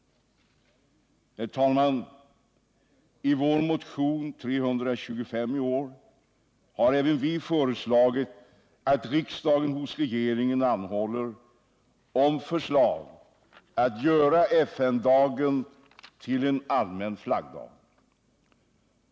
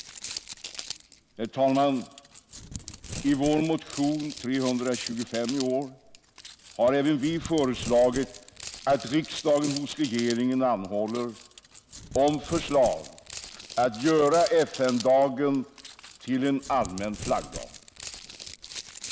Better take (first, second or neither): first